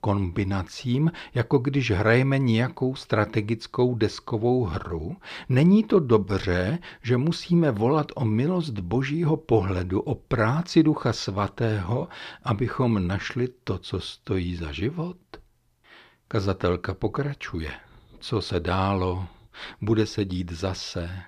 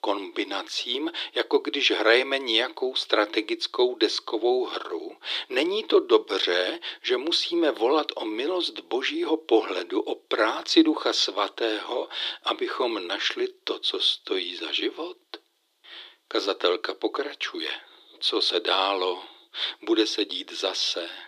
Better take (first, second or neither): first